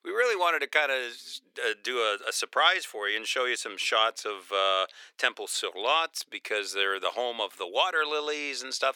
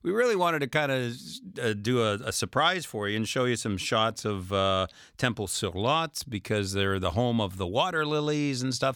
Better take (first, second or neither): second